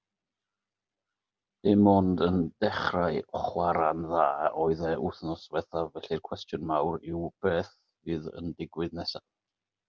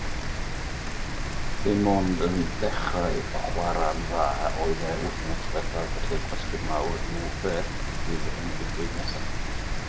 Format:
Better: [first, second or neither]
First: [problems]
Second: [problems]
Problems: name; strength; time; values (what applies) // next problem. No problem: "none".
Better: first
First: none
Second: background sound (Rain); 2 dB above the speech // room echo; dies away in 1.5 s